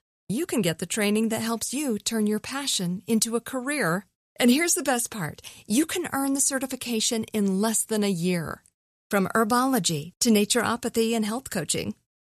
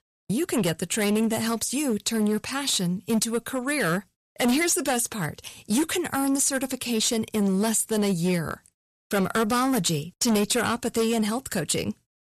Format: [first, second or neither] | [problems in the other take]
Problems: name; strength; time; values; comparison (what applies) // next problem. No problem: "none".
first | distortion; slight; 9% of the sound clipped